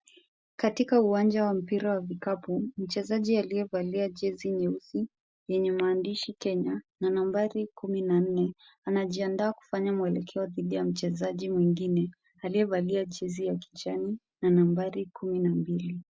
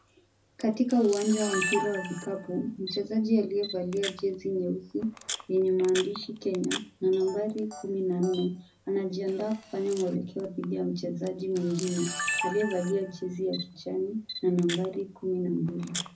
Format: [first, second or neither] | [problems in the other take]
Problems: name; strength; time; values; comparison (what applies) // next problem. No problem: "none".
first | background sound (Camera); 10 dB below the speech // room echo; dies away in 0.4 s